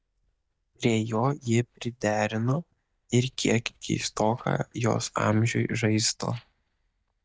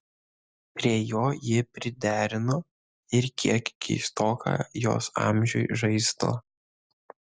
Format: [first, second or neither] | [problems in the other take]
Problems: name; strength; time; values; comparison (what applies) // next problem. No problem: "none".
second | noise reduction (neural mask model DeepFilterNet 3)